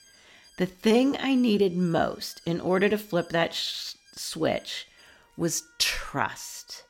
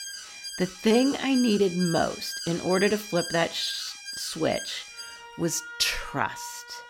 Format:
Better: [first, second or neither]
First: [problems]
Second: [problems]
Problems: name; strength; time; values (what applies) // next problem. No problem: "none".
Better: first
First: alarms or sirens; faint; throughout; 30 dB below the speech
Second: alarms or sirens; loud; throughout; 9 dB below the speech